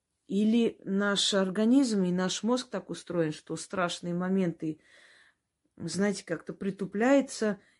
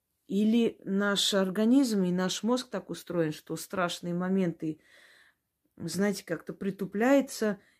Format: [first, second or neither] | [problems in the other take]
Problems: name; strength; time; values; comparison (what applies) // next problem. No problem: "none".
second | garbled, watery; slightly; nothing above 11 kHz